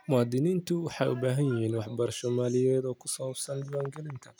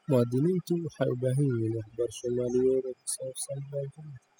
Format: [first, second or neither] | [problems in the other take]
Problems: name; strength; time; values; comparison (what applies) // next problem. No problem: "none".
first | noise reduction (classical method spectral subtraction)